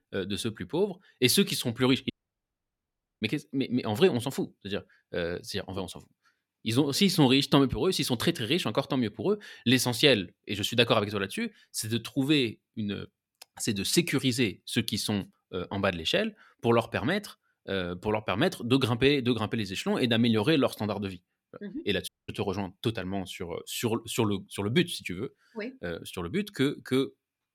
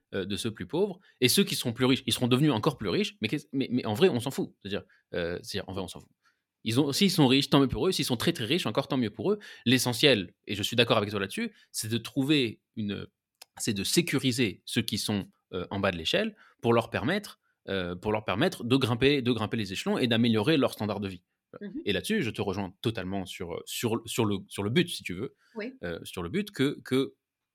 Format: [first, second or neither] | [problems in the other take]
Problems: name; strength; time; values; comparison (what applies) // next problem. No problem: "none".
second | audio cutting out; at 2 s for 1 s and at 22 s